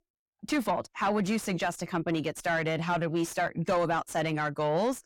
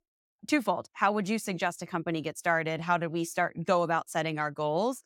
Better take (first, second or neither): second